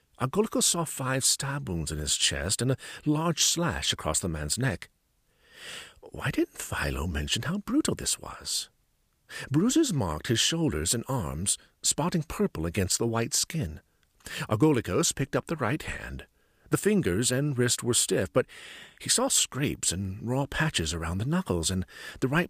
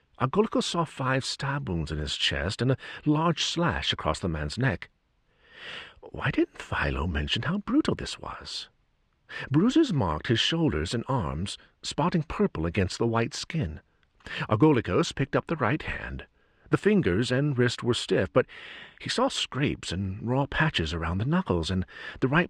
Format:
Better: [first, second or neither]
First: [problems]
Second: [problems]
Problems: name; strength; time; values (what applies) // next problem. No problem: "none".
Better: first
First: none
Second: muffled; slightly; fading above 3 kHz